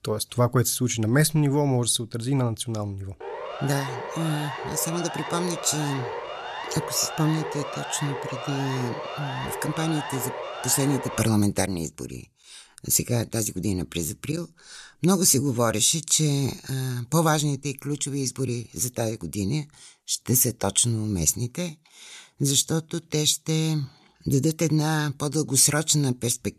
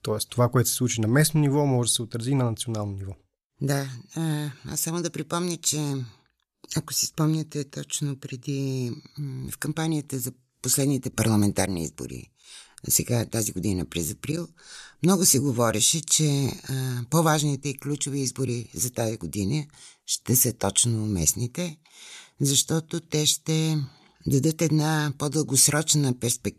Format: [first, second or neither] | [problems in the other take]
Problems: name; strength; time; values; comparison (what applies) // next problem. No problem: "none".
second | siren; noticeable; from 3 to 11 s; peak 8 dB below the speech